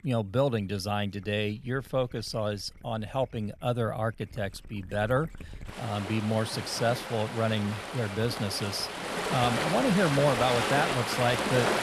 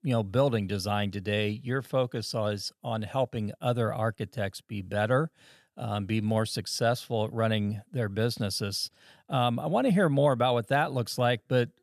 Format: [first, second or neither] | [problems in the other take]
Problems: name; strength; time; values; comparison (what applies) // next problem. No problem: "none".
second | rain or running water; loud; throughout; 3 dB below the speech